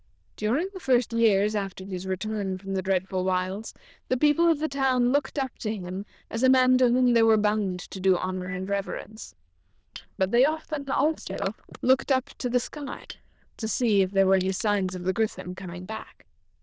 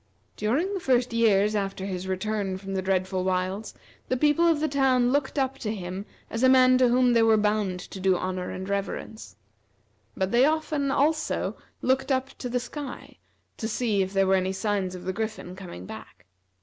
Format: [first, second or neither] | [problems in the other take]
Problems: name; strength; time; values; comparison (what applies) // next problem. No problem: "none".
second | noise reduction (neural diffusion model UNIVERSE++)